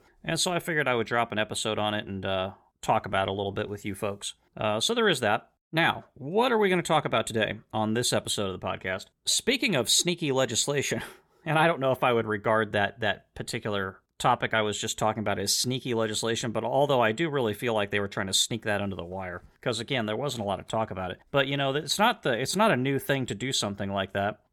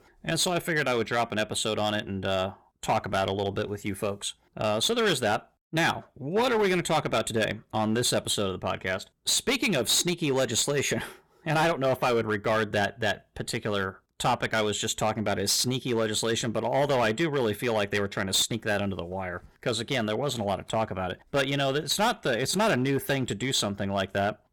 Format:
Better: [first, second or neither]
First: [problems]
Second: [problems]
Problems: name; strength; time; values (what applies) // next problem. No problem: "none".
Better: first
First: none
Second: distortion; slight; 7% of the sound clipped